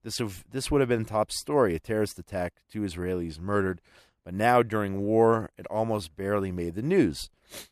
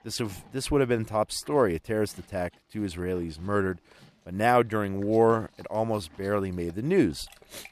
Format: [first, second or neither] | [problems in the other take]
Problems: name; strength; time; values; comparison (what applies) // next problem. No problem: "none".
first | animal sounds; faint; throughout; 30 dB below the speech